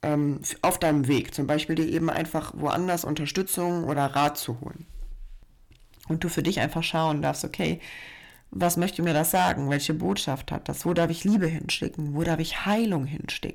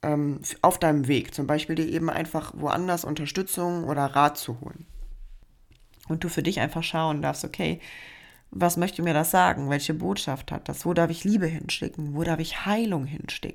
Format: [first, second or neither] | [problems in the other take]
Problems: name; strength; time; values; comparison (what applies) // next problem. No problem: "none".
second | distortion; slight; 3% of the sound clipped